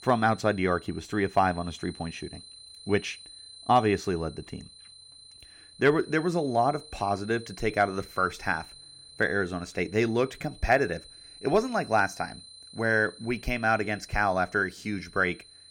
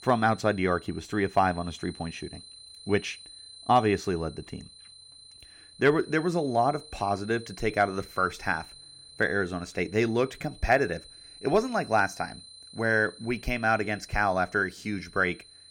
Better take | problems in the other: neither | high-pitched whine; noticeable; throughout; 4 kHz, 20 dB below the speech; the same in both

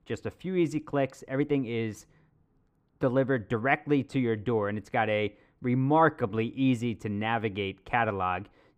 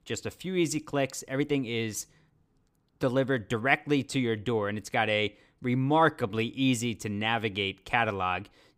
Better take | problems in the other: second | muffled; slightly; fading above 3 kHz

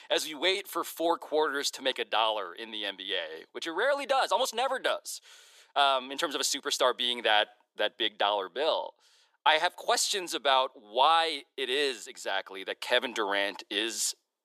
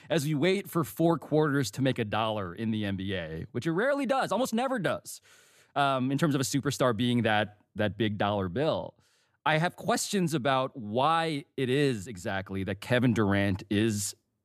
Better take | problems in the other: second | thin; very; fading below 400 Hz

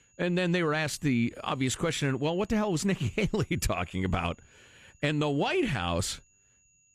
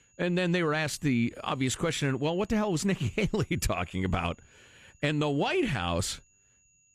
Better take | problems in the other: neither | high-pitched whine; faint; throughout; 7 kHz, 35 dB below the speech; the same in both

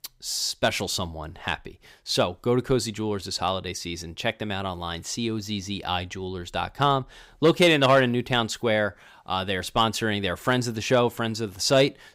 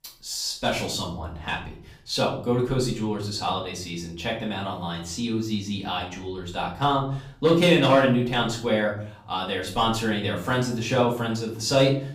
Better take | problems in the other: first | off-mic speech; far // room echo; slight; dies away in 0.6 s

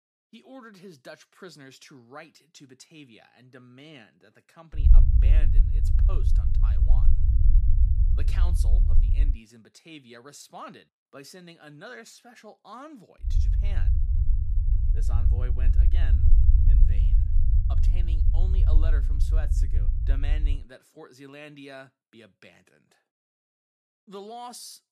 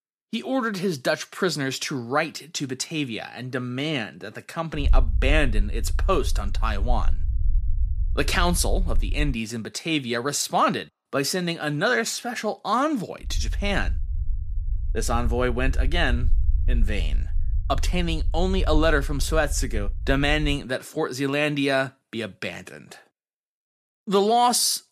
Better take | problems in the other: second | low rumble; loud; from 5 to 9.5 s and from 13 to 21 s; as loud as the speech; faint in the second

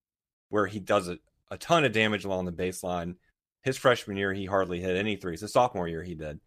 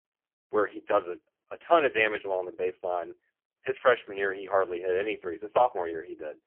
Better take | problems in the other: first | phone-call audio; poor line; nothing above 3 kHz

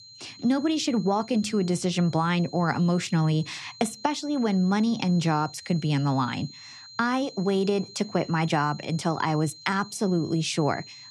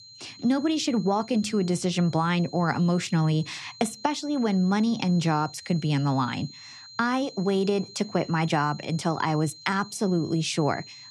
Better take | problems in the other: neither | high-pitched whine; noticeable; throughout; 4 kHz, 20 dB below the speech; the same in both

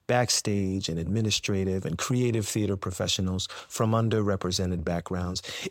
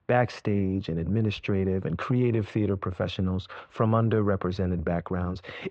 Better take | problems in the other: first | muffled; very; fading above 2.5 kHz

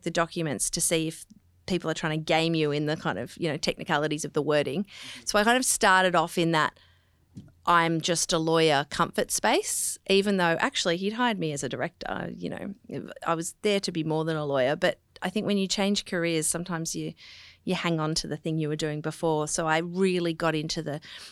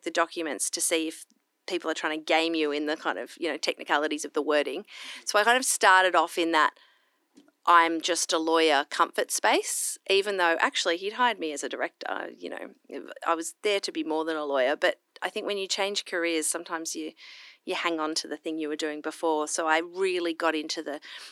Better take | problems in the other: first | thin; somewhat; fading below 300 Hz

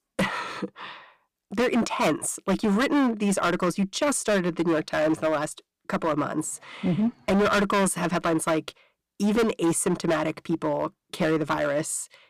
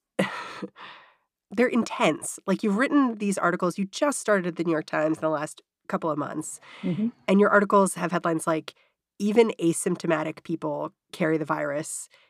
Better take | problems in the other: second | distortion; heavy; 12% of the sound clipped

